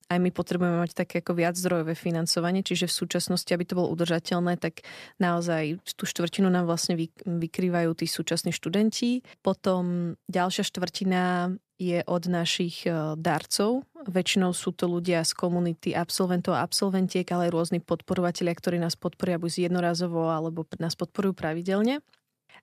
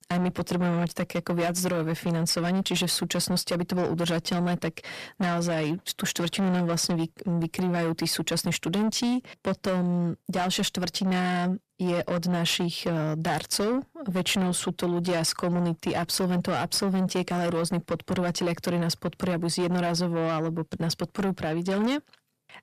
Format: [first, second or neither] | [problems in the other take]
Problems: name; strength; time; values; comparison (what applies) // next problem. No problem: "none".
first | distortion; heavy; 7 dB below the speech